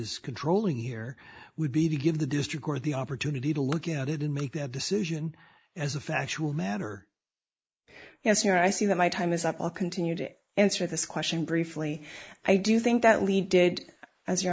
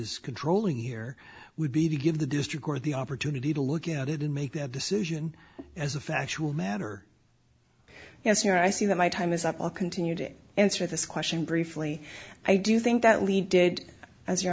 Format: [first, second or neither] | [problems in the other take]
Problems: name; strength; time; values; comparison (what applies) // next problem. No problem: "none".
second | noise reduction (neural mask model Resemble Enhance denoiser)